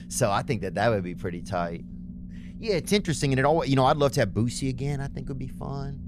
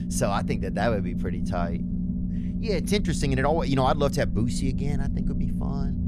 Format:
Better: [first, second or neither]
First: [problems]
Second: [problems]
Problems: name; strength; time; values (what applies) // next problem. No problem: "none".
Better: first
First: low rumble; faint; throughout; 25 dB below the speech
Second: low rumble; loud; throughout; 10 dB below the speech